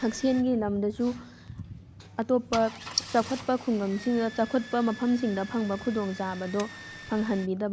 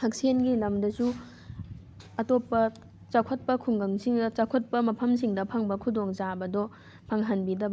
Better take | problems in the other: second | background sound (Engine starting / Car); 14 dB below the speech

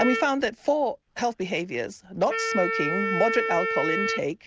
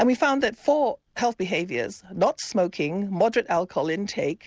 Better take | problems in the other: second | background sound (Wind instrument, woodwind instrument); 3 dB below the speech

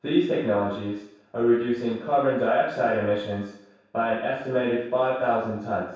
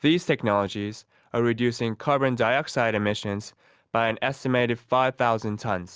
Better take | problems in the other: second | room echo; dies away in 0.7 s

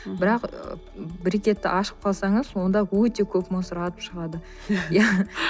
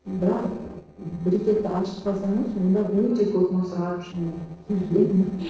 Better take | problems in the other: first | noise reduction (neural separator model SepFormer DNS4)

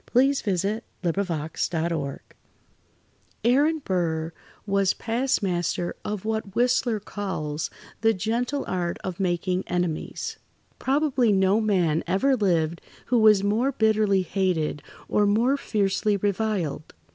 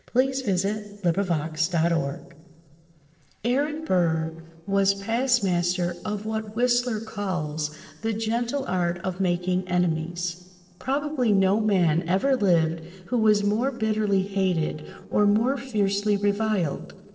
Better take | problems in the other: first | noise reduction (neural separator model SepFormer DNS4)

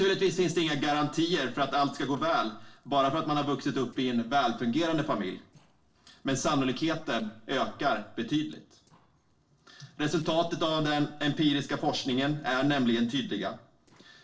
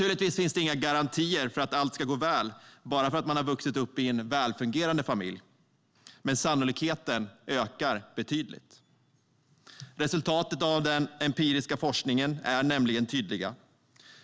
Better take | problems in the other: second | noise reduction (neural separator model SepFormer DNS4)

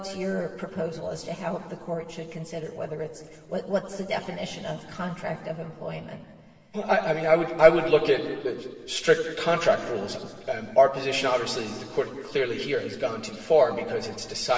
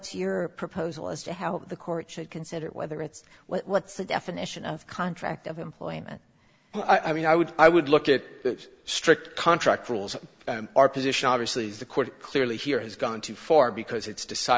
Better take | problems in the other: second | room echo; dies away in 1.9 s

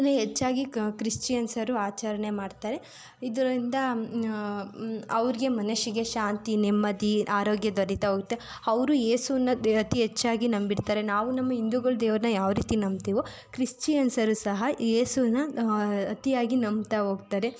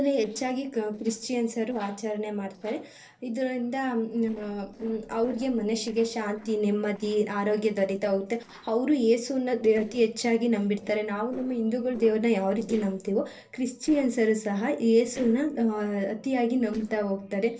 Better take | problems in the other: first | noise reduction (neural separator model SepFormer DNS4)

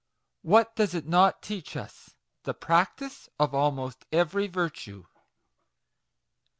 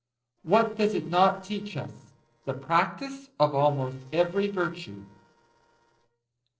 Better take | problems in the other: first | noise reduction (neural separator model SepFormer DNS4)

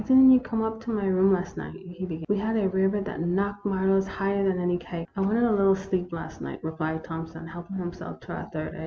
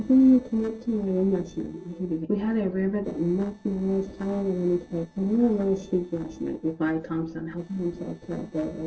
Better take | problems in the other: first | noise reduction (neural separator model SepFormer DNS4)

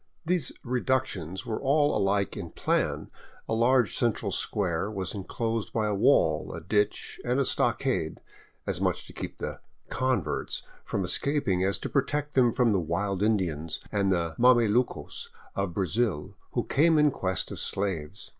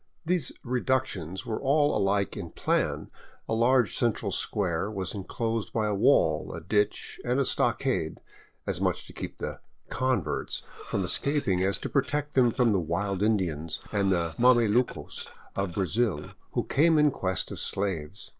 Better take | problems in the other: first | noise reduction (neural separator model SepFormer DNS4)

